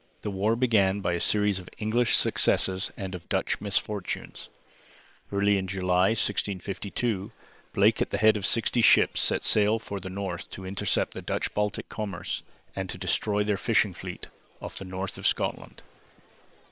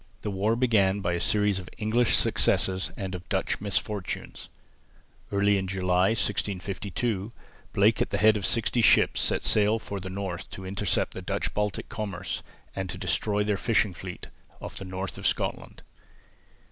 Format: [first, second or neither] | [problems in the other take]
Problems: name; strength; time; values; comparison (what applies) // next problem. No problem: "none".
second | noise reduction (neural separator model SepFormer WHAM!)